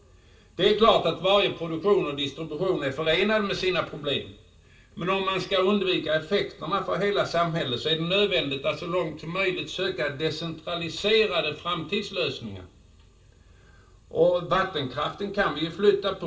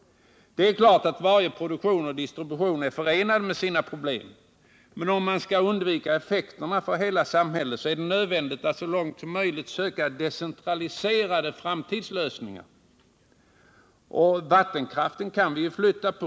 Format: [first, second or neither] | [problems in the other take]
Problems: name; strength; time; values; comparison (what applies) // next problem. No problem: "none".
second | room echo; dies away in 0.2 s